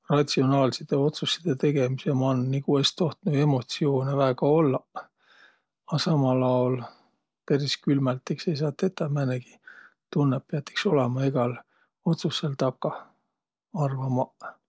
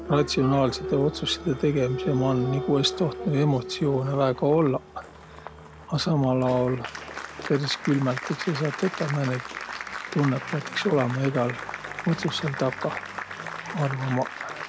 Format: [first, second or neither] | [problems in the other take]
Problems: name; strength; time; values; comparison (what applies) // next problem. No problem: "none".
first | background sound (Applause); 9 dB below the speech